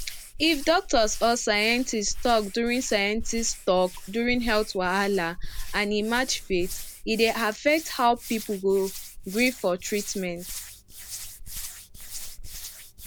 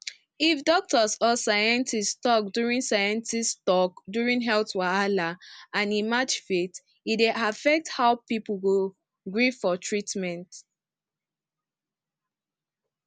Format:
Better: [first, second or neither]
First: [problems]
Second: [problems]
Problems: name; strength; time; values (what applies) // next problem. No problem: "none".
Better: second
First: background sound (Hands); 10 dB below the speech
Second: none